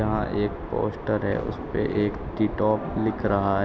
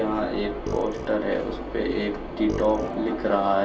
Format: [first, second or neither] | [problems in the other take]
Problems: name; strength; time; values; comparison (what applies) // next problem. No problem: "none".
first | background sound (Burping, eructation); 13 dB below the speech // room echo; dies away in 0.3 s